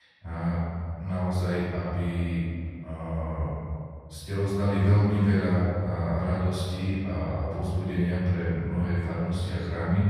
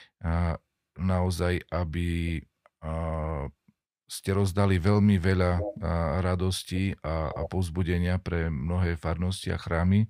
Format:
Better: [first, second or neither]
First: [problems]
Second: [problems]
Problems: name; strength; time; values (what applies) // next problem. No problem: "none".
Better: second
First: off-mic speech; far // room echo; strong; dies away in 2.3 s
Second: none